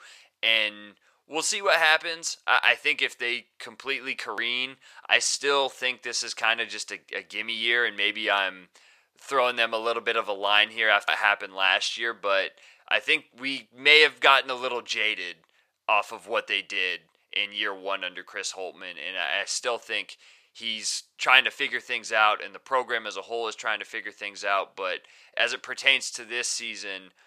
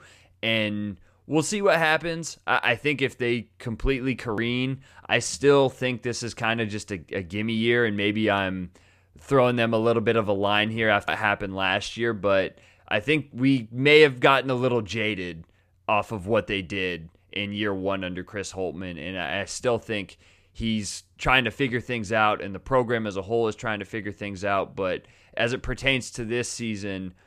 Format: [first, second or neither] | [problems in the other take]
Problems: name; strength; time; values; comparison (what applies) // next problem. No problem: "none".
second | thin; very; fading below 750 Hz